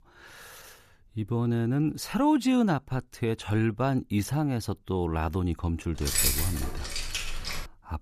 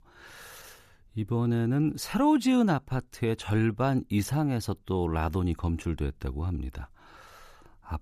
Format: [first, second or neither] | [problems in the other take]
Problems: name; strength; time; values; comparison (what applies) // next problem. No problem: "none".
second | jangling keys; loud; from 6 s on; peak 4 dB above the speech